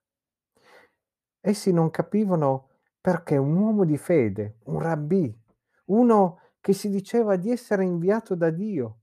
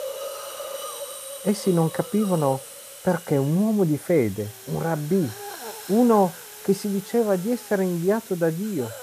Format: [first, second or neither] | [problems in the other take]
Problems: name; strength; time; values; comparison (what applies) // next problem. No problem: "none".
first | hiss; noticeable; throughout; 15 dB below the speech